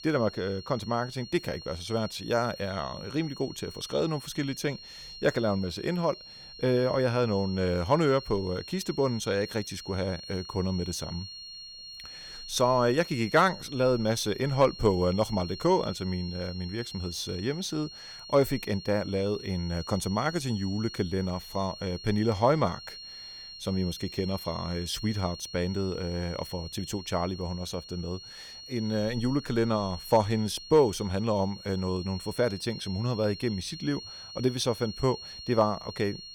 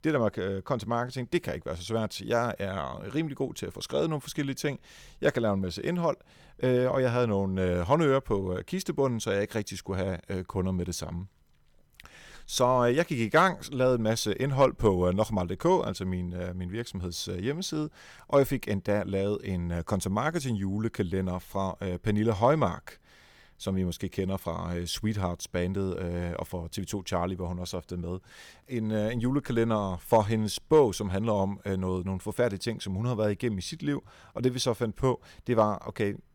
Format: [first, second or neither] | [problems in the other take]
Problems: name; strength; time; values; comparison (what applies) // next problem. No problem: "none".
second | high-pitched whine; noticeable; throughout; 4.5 kHz, 15 dB below the speech